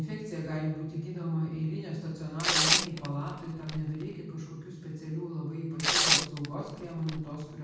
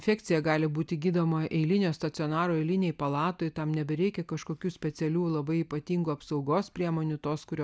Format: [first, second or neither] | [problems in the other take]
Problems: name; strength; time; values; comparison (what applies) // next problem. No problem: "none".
second | background sound (Tearing); 4 dB above the speech // room echo; dies away in 1.2 s